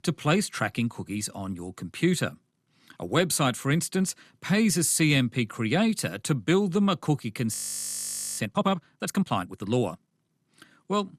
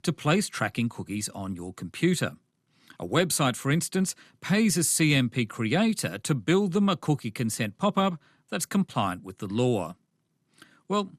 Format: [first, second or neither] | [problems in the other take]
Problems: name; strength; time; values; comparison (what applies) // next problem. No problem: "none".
second | audio freezing; at 7.5 s for 1 s